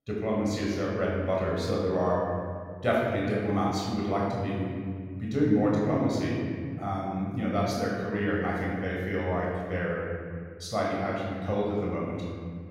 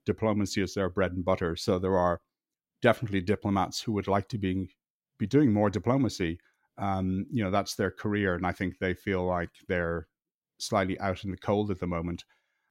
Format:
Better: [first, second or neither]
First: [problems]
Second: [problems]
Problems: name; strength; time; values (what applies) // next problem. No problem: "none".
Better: second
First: off-mic speech; far // room echo; noticeable; dies away in 2.1 s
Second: none